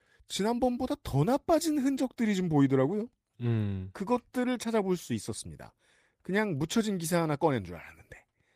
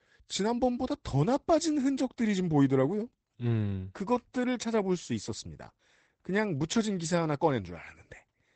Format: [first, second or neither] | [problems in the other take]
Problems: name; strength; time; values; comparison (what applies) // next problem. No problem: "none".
first | garbled, watery; badly; nothing above 8 kHz; slightly in the first